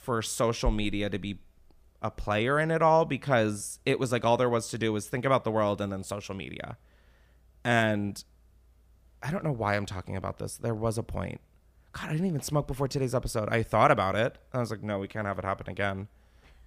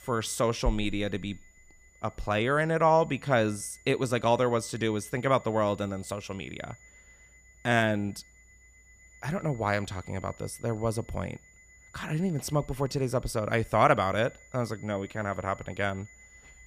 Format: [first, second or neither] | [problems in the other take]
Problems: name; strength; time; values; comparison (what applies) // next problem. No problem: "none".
first | high-pitched whine; faint; throughout; 2 kHz, 25 dB below the speech